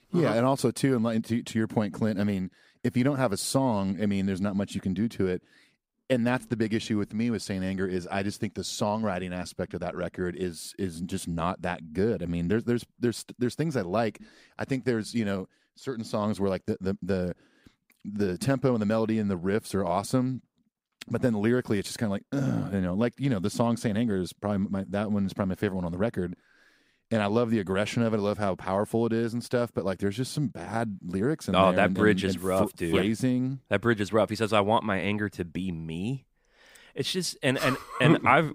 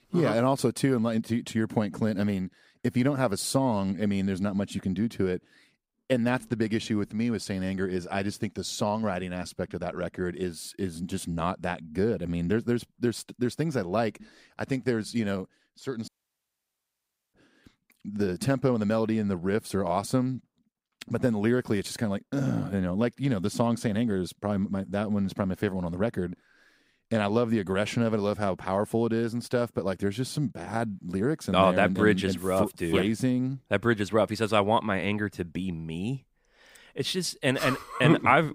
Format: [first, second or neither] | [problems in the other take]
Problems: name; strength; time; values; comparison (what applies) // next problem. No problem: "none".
first | audio cutting out; at 16 s for 1.5 s